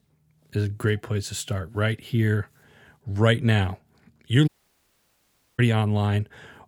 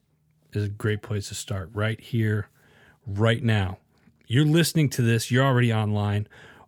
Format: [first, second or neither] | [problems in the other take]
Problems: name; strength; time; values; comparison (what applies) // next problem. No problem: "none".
second | audio cutting out; at 4.5 s for 1 s